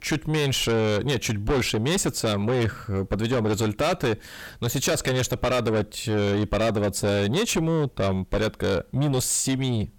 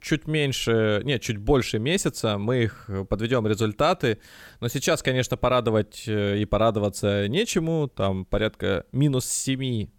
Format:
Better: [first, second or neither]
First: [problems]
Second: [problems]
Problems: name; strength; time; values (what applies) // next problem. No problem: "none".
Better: second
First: distortion; heavy; 7 dB below the speech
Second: none